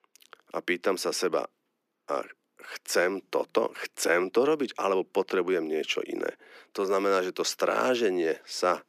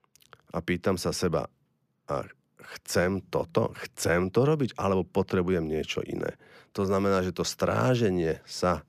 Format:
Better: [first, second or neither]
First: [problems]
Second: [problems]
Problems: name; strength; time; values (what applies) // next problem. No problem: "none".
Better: second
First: thin; somewhat; fading below 300 Hz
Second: none